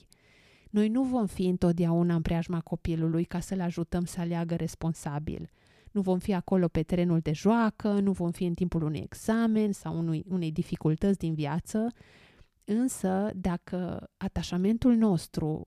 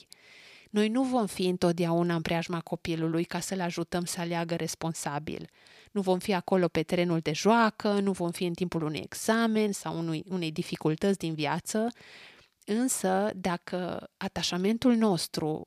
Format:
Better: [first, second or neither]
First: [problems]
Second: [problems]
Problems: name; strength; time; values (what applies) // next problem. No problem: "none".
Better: first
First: none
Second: thin; very slightly; fading below 550 Hz